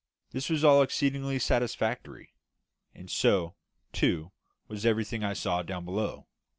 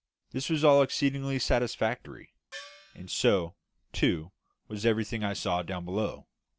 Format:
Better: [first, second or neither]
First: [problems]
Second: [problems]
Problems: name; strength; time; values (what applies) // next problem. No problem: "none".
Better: first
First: none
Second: background sound (Gong); 18 dB below the speech